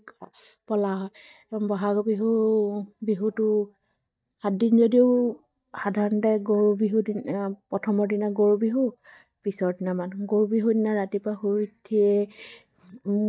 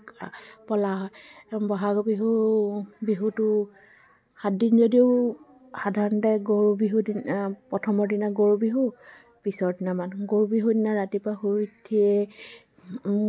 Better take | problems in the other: second | noise reduction (neural mask model DeepFilterNet 3)

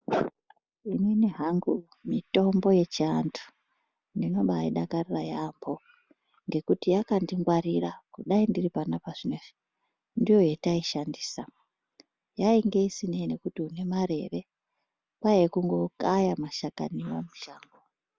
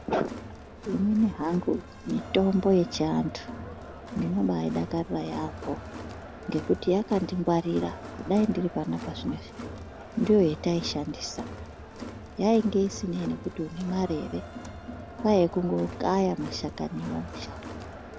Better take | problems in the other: first | background sound (Crowd); 12 dB below the speech

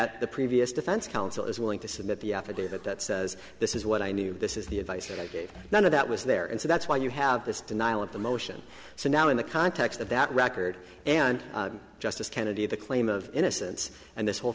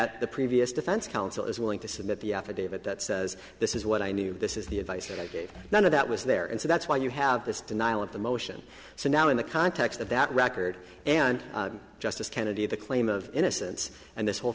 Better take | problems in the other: second | background sound (Zipper (clothing)); 17 dB below the speech

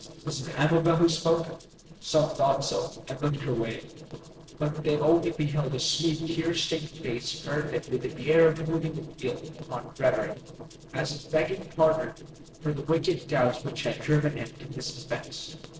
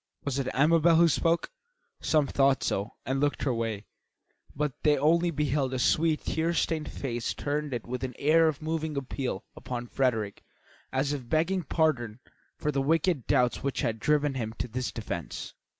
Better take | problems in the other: second | noise reduction (neural separator model SepFormer DNS4)

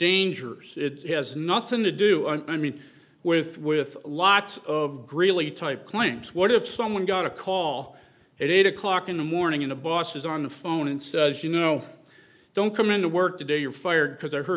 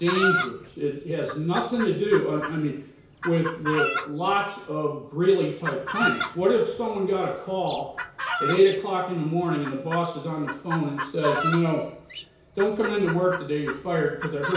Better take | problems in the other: first | background sound (Chicken, rooster); 7 dB below the speech // room echo; dies away in 0.6 s

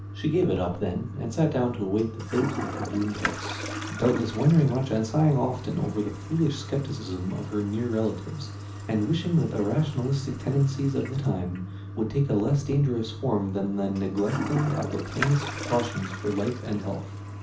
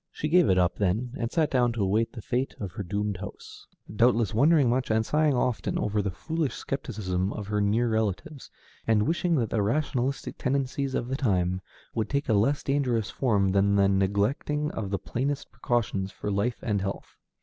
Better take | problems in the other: second | background sound (Toilet flush); 9 dB below the speech // room echo; dies away in 0.4 s

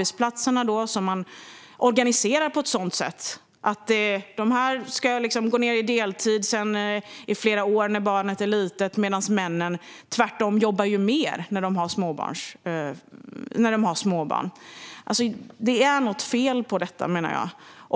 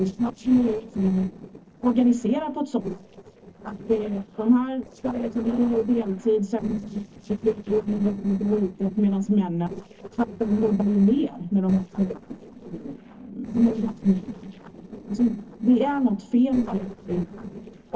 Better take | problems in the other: first | noise reduction (neural separator model SepFormer DNS4)

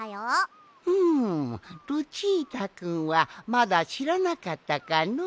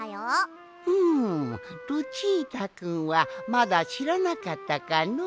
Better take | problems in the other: first | background sound (Wind instrument, woodwind instrument); 15 dB below the speech

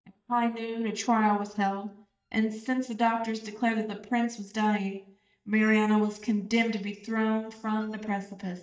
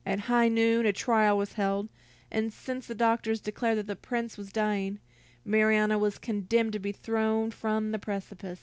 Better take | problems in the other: second | noise reduction (neural mask model DeepFilterNet 3)

